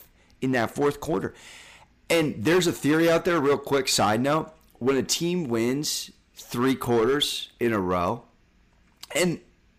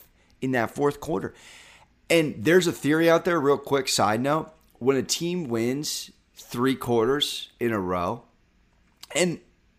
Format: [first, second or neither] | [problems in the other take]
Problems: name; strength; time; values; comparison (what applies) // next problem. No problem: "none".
second | distortion; slight; 6% of the sound clipped